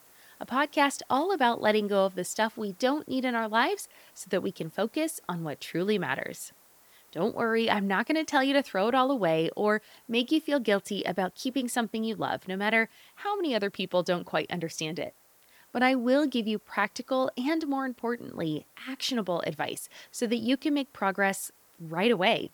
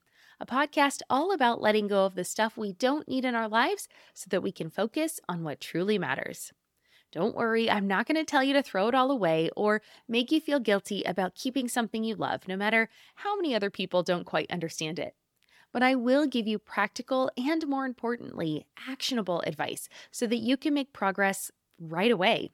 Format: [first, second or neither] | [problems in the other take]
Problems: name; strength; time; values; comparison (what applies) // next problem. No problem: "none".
second | hiss; faint; throughout; 30 dB below the speech